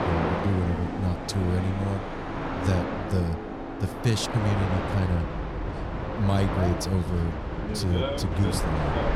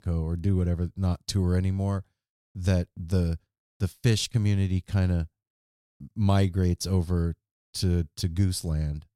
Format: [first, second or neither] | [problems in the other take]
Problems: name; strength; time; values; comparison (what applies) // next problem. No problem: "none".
second | train or aircraft noise; loud; throughout; 3 dB below the speech